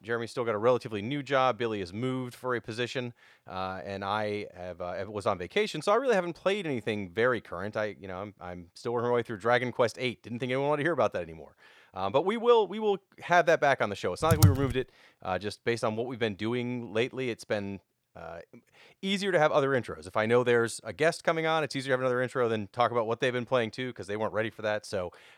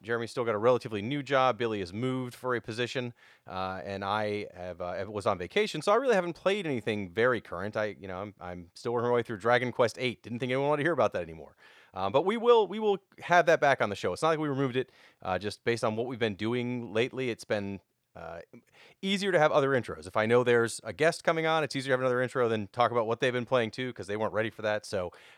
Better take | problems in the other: second | keyboard typing; loud; at 14 s; peak 5 dB above the speech

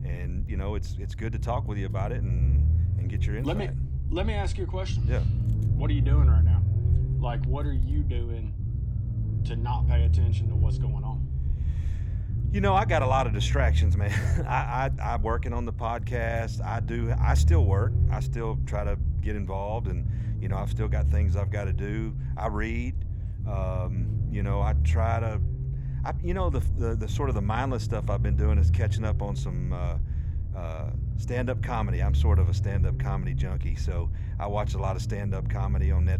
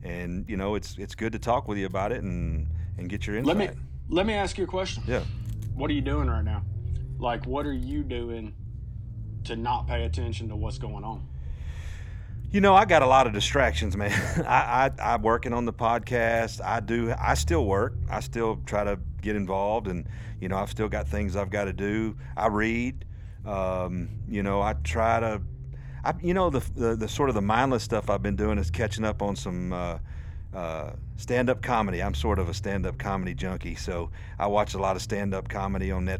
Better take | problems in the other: second | low rumble; loud; throughout; 9 dB below the speech; faint in the second

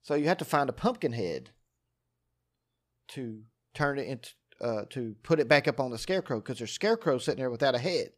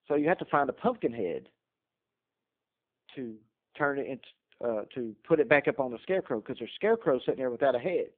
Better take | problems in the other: first | phone-call audio; poor line

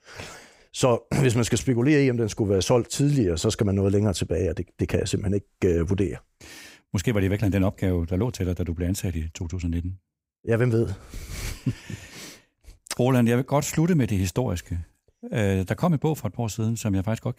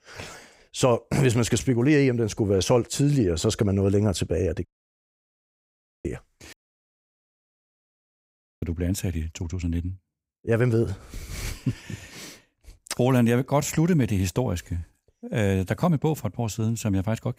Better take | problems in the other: first | audio cutting out; at 4.5 s for 1.5 s and at 6.5 s for 2 s

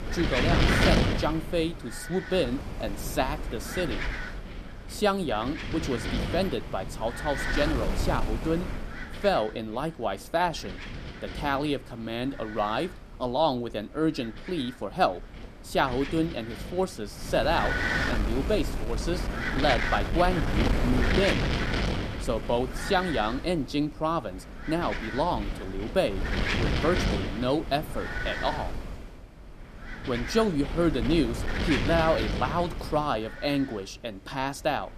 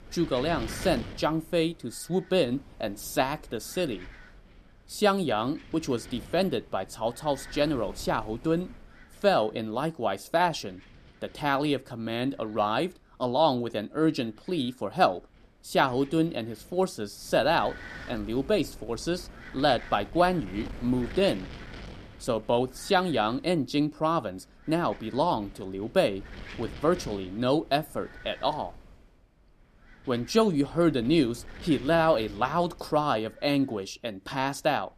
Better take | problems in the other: second | wind noise on the microphone; heavy; 4 dB below the speech; occasional gusts in the second

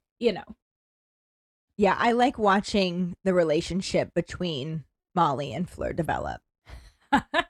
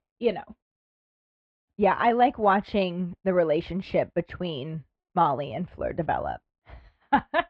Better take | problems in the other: first | muffled; very; fading above 3 kHz

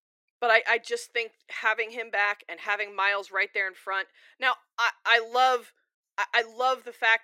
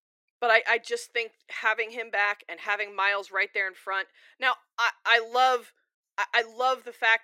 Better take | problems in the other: neither | thin; very; fading below 350 Hz; the same in both

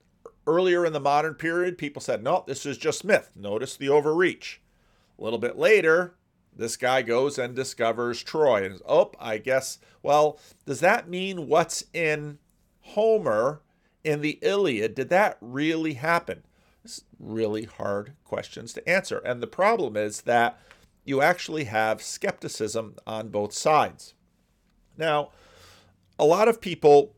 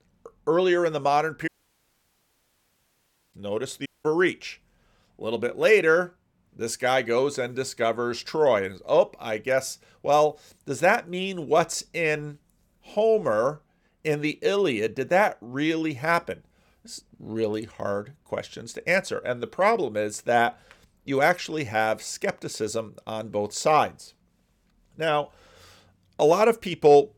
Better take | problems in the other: first | audio cutting out; at 1.5 s for 2 s and at 4 s

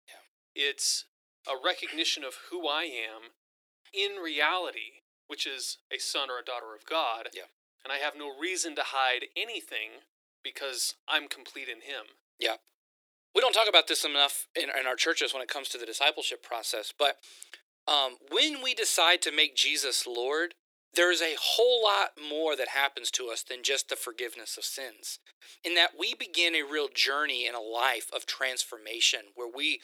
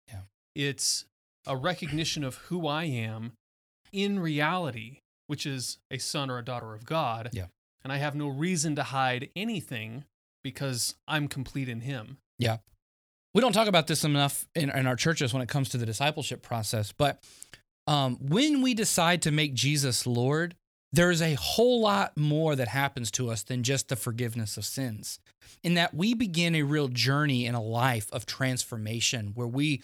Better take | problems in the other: second | thin; very; fading below 350 Hz

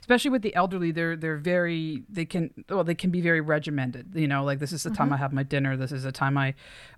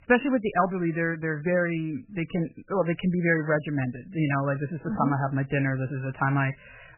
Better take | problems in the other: first | garbled, watery; badly; nothing above 3 kHz

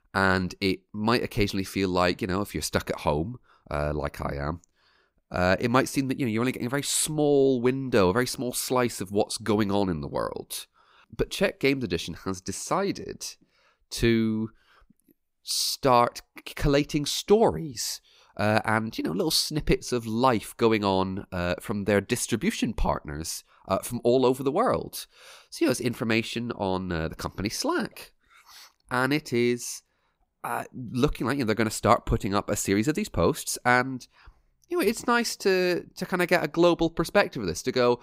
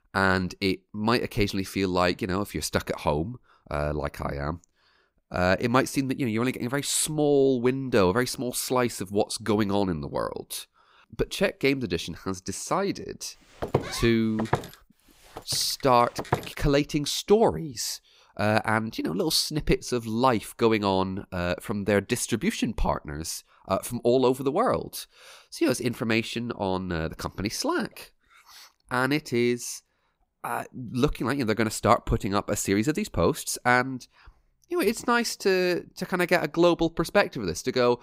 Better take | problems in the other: first | footsteps; noticeable; from 14 to 16 s; peak 3 dB below the speech

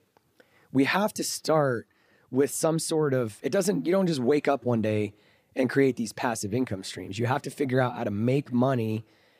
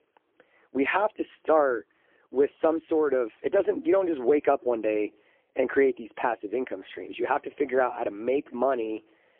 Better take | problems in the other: first | phone-call audio; poor line

